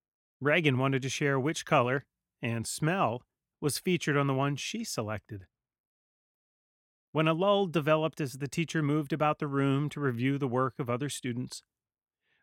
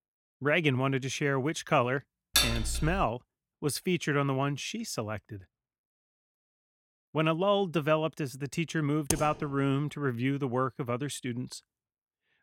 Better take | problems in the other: first | clattering dishes; loud; at 2.5 s; peak 5 dB above the speech // keyboard typing; noticeable; at 9 s; peak 3 dB below the speech

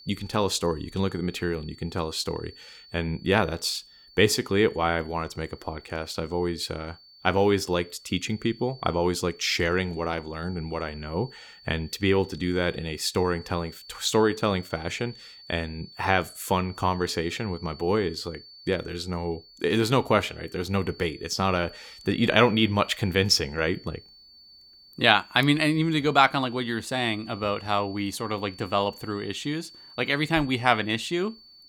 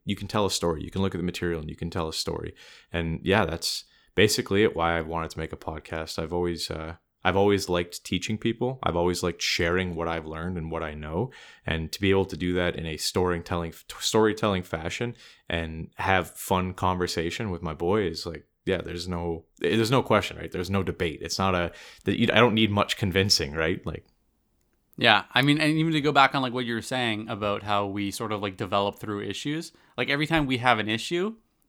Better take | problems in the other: second | high-pitched whine; faint; throughout; 4.5 kHz, 20 dB below the speech

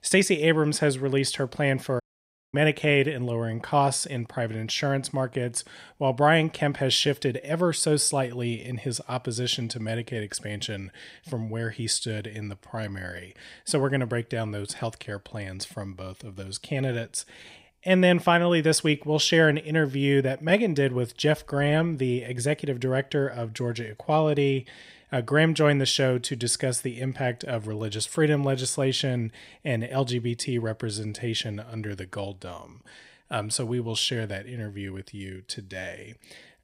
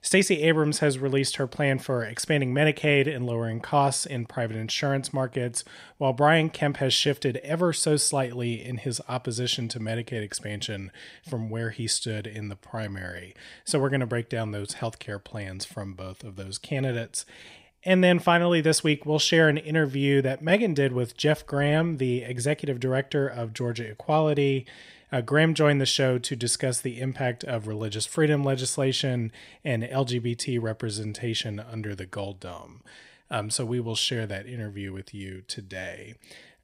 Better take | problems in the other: second | audio cutting out; at 2 s for 0.5 s

